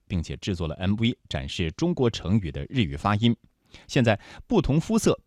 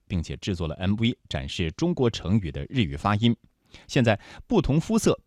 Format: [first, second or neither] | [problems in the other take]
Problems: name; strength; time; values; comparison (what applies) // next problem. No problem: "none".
neither | none